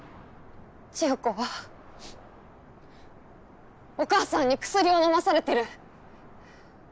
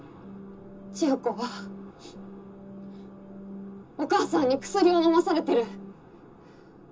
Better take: first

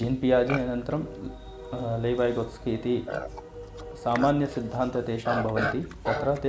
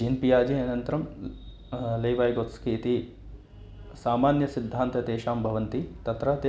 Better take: second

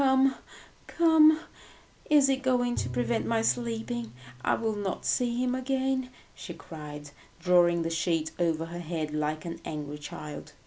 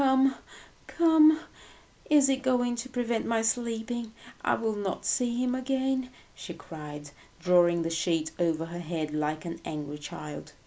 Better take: second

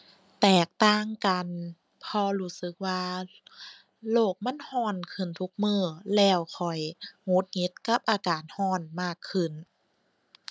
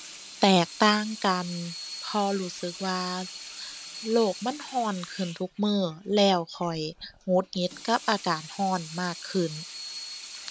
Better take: first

